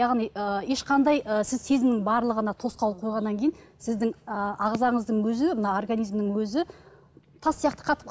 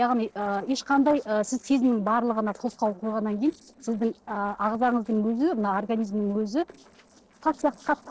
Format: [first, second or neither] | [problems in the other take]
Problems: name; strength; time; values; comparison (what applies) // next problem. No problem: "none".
first | noise reduction (neural separator model SepFormer DNS4)